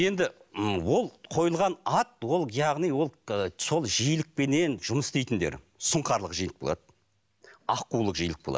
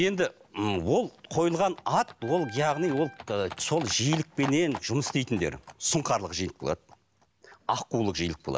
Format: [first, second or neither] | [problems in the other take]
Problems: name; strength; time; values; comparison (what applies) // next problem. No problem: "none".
first | background sound (Livestock, farm animals, working animals + Wind instrument, woodwind instrument); 17 dB below the speech